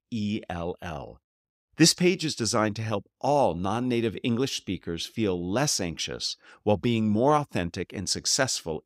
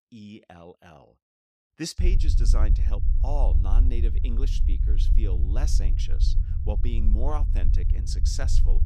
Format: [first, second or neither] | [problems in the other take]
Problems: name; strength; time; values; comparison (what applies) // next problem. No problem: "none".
first | low rumble; loud; from 2 s on; 7 dB below the speech